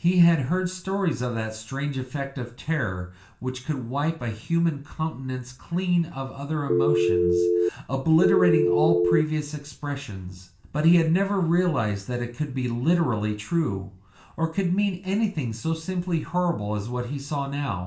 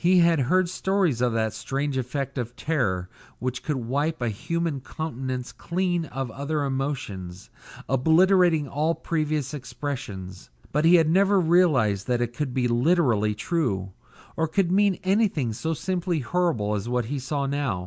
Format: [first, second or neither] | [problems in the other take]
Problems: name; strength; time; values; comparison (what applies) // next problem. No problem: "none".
second | background sound (Telephone); 4 dB above the speech // room echo; dies away in 0.4 s